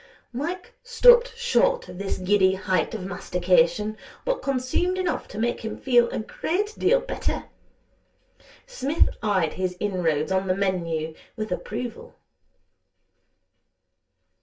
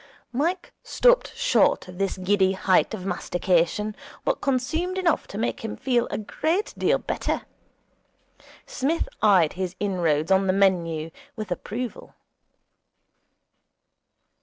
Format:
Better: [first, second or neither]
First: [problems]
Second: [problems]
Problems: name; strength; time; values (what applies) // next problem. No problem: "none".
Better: second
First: room echo; dies away in 0.2 s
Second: none